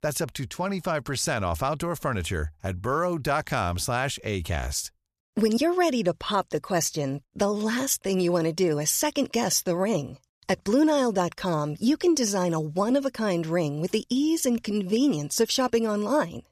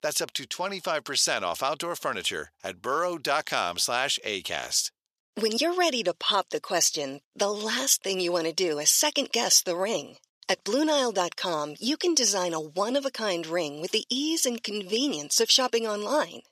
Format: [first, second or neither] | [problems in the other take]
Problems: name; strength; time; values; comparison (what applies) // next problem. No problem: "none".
first | thin; somewhat; fading below 350 Hz